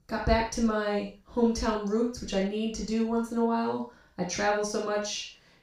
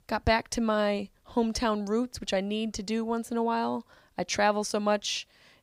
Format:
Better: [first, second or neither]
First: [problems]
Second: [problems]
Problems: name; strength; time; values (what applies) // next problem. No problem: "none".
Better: second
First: room echo; noticeable; dies away in 0.3 s // off-mic speech; far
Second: none